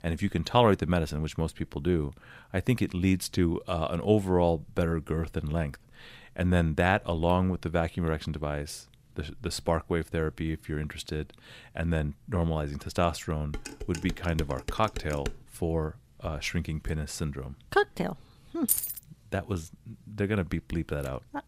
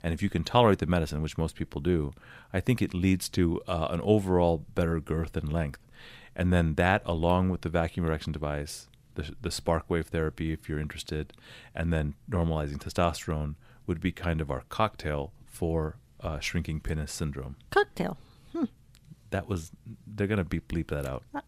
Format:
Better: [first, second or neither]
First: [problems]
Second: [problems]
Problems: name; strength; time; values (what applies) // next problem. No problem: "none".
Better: second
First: clattering dishes; noticeable; from 14 to 15 s; peak 8 dB below the speech // jangling keys; loud; at 19 s; peak 3 dB above the speech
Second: none